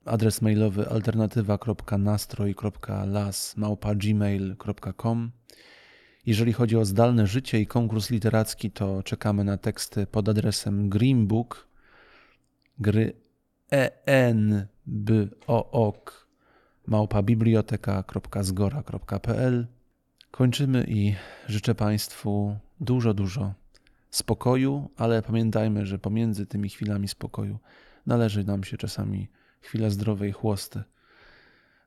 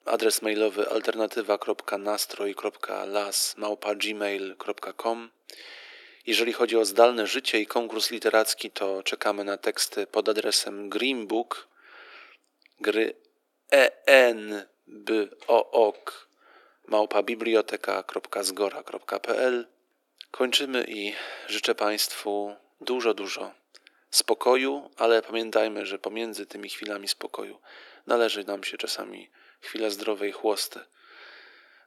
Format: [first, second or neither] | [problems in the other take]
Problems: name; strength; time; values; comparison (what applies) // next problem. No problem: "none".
first | thin; very; fading below 350 Hz